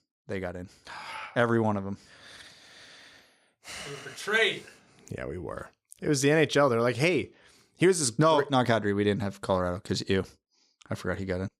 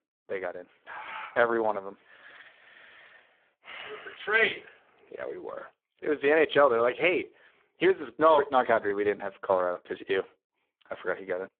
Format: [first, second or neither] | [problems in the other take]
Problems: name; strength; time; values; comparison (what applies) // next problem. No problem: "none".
first | phone-call audio; poor line